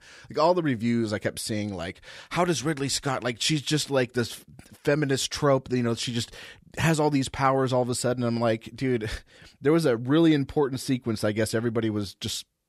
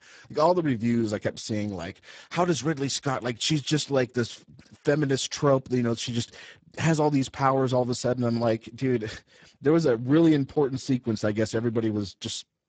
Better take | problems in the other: first | garbled, watery; badly; nothing above 8 kHz

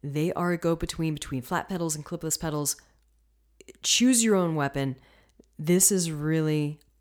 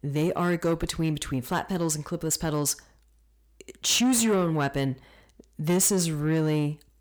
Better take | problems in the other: first | distortion; slight; 10 dB below the speech

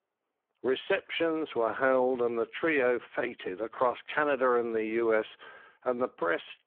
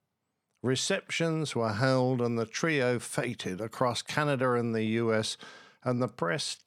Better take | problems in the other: second | phone-call audio; poor line

